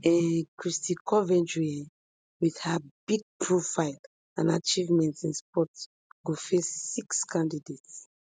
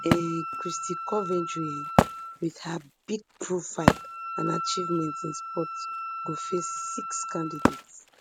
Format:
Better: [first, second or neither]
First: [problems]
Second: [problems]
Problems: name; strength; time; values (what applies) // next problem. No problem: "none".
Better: first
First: none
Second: background sound (Wood + Wind instrument, woodwind instrument); 3 dB above the speech